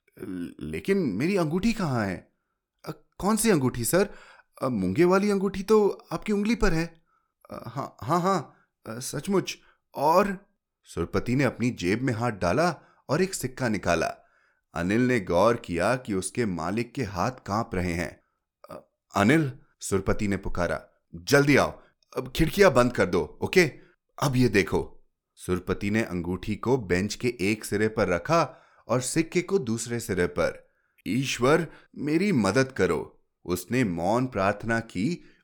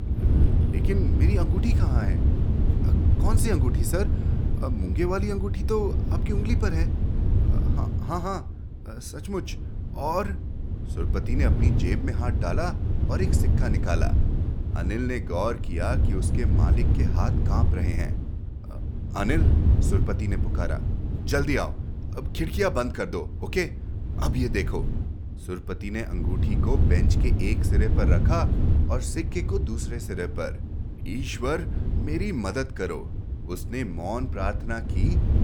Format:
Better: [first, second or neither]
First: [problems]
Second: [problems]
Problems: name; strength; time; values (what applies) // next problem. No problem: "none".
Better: first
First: none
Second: wind noise on the microphone; heavy; 7 dB below the speech